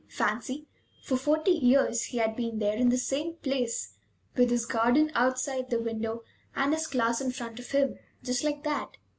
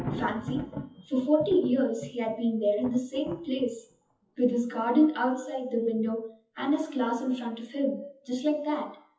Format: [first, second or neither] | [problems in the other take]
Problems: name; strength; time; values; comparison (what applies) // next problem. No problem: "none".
first | noise reduction (classical method WPE with log-MMSE)